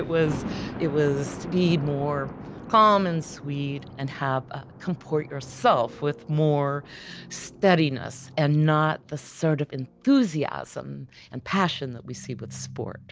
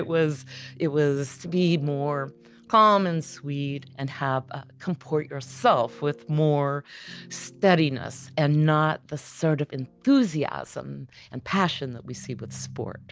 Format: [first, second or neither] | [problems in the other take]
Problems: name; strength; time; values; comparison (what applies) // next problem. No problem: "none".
second | background sound (Thunder); 15 dB below the speech